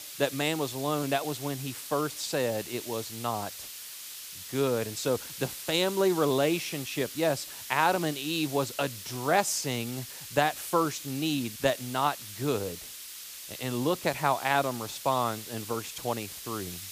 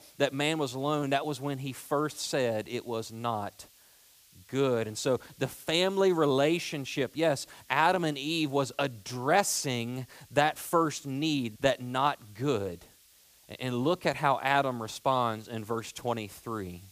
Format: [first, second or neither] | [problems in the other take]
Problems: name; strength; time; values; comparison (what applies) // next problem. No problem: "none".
second | hiss; loud; throughout; 10 dB below the speech; faint in the second